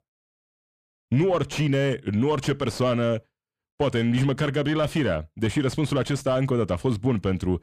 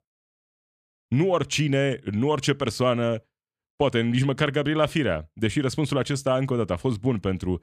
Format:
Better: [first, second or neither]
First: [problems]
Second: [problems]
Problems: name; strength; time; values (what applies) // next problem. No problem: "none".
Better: second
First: distortion; slight; 10 dB below the speech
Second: none